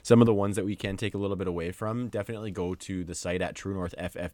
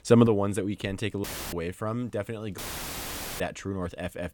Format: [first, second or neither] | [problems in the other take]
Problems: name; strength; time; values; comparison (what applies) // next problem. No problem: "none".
first | audio cutting out; filled with static; at 1 s and at 2.5 s for 1 s